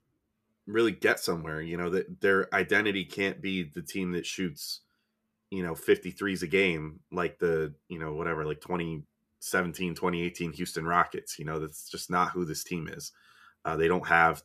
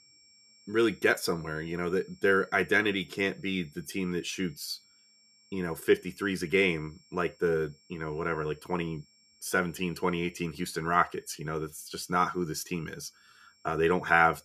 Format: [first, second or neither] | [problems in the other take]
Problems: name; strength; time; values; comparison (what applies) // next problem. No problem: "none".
first | high-pitched whine; faint; throughout; 5.5 kHz, 30 dB below the speech